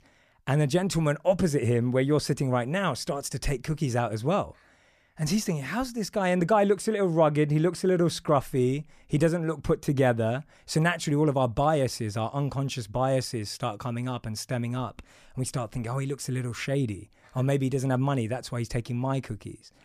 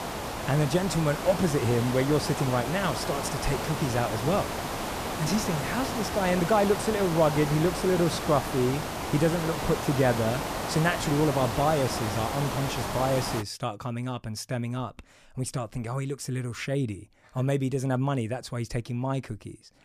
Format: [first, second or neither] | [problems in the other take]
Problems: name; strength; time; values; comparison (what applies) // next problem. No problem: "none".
first | hiss; loud; until 13 s; 4 dB below the speech